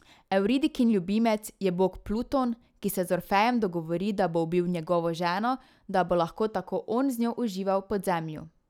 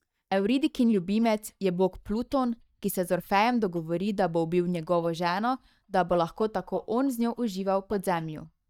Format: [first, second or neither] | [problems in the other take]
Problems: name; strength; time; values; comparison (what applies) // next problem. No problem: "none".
first | noise reduction (neural mask model DeepFilterNet 3)